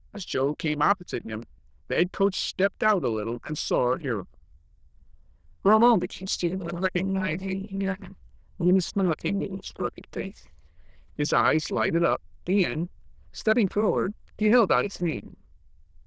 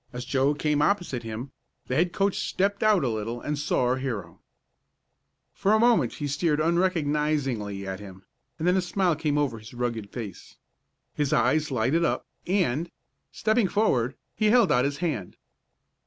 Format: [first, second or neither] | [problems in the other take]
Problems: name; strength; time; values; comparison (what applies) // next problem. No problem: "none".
second | noise reduction (neural diffusion model UNIVERSE++)